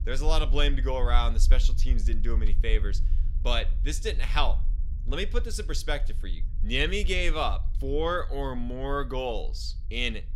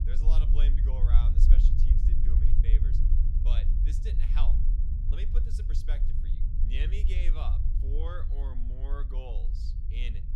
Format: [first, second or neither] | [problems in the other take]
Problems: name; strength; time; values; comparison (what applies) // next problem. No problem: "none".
first | low rumble; loud; throughout; 3 dB below the speech; faint in the first